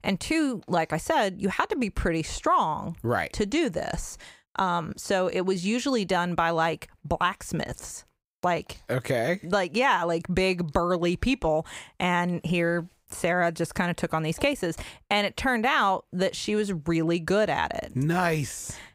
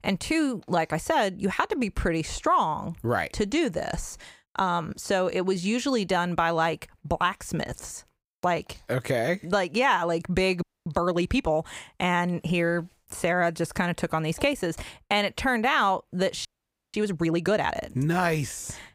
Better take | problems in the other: first | audio freezing; at 11 s and at 16 s

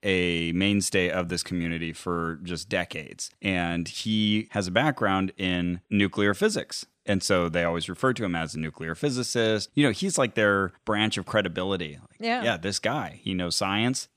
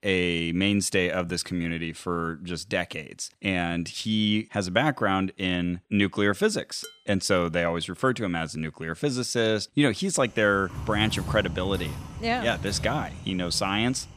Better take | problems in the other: first | clattering dishes; faint; at 7 s; peak 15 dB below the speech // keyboard typing; noticeable; from 11 s on; peak 7 dB below the speech

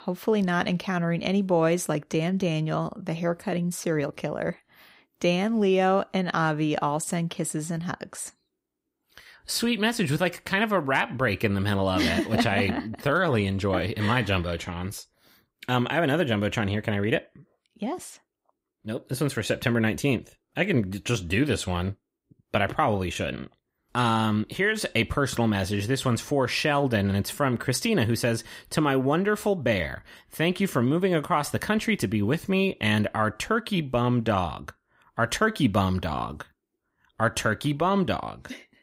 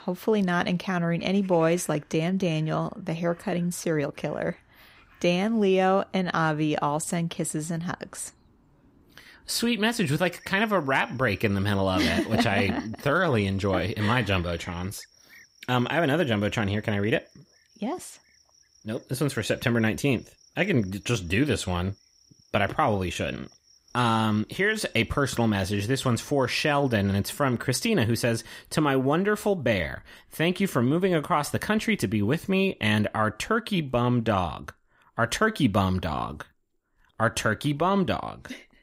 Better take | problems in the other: first | animal sounds; faint; throughout; 30 dB below the speech

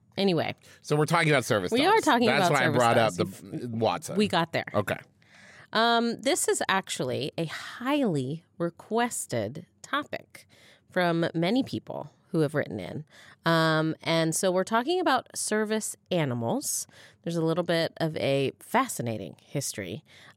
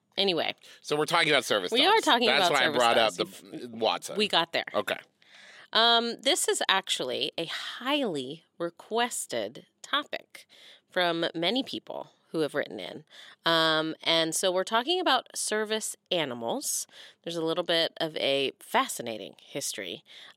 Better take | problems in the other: first | thin; very slightly; fading below 300 Hz

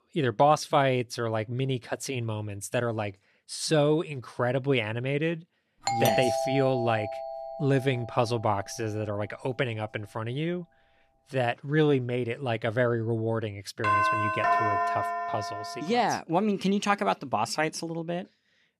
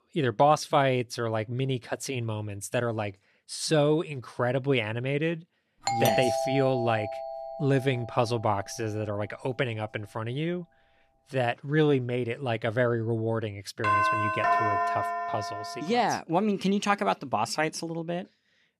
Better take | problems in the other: neither | doorbell; loud; from 6 to 8 s and from 14 to 16 s; peak 4 dB above the speech; the same in both

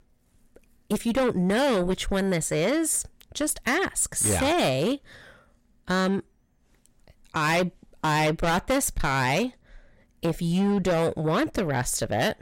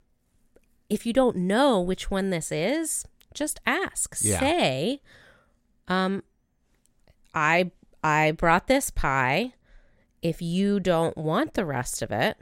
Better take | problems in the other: second | distortion; heavy; 7 dB below the speech

